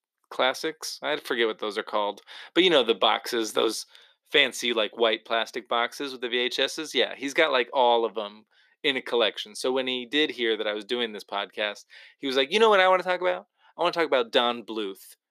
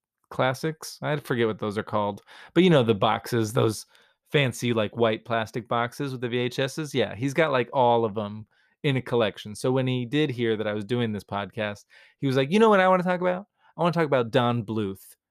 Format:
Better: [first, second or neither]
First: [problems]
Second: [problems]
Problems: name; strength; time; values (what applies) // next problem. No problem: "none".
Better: second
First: thin; somewhat; fading below 300 Hz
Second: none